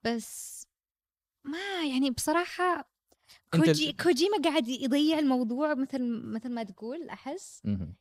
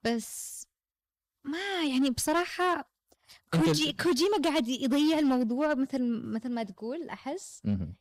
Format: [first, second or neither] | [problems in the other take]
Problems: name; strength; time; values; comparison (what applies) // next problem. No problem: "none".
first | distortion; slight; 6% of the sound clipped